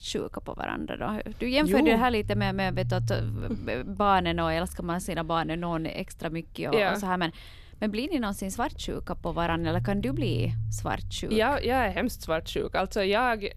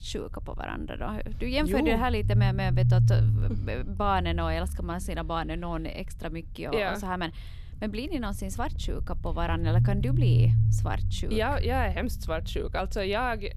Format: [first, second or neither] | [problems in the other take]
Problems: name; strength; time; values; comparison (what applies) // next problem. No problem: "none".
first | low rumble; loud; throughout; 9 dB below the speech; faint in the first